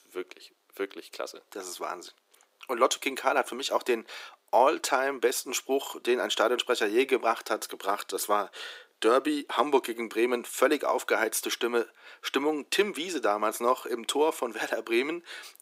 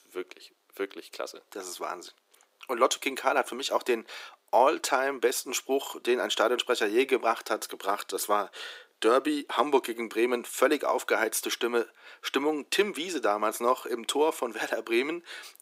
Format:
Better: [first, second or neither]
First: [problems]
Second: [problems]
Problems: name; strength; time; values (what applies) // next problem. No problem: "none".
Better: neither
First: thin; very; fading below 350 Hz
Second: thin; very; fading below 350 Hz